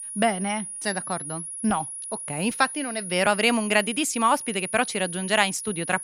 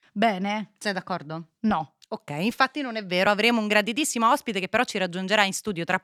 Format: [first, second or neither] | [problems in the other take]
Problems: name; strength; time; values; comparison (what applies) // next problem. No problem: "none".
second | high-pitched whine; loud; throughout; 10.5 kHz, 8 dB below the speech